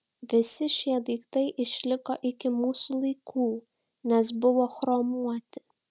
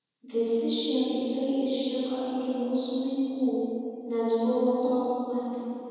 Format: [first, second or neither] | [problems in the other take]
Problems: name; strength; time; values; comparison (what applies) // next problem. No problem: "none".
first | room echo; dies away in 2.1 s